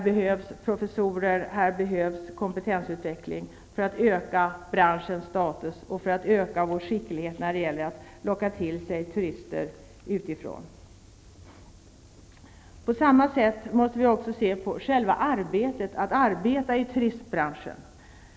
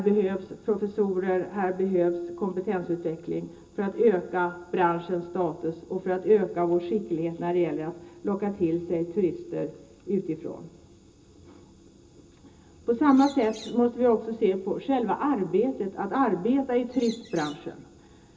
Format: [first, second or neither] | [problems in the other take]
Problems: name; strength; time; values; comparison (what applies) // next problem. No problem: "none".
first | background sound (Bird); 20 dB below the speech // room echo; dies away in 0.2 s